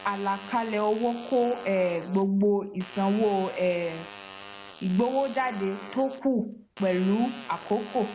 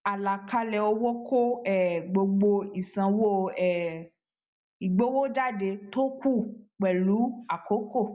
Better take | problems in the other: second | background sound (Fart); 17 dB below the speech

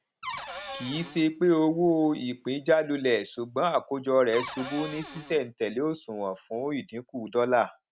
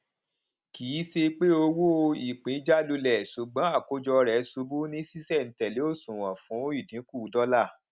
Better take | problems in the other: second | background sound (Cupboard open or close / Door); 12 dB below the speech

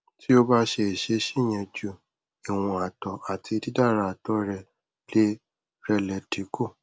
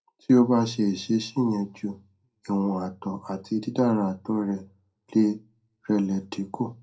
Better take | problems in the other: first | room echo; dies away in 0.2 s

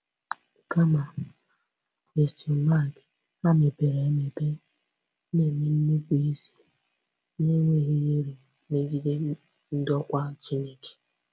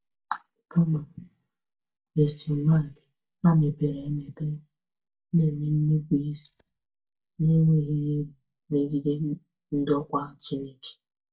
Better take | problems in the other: first | noise reduction (neural mask model DeepFilterNet 3)

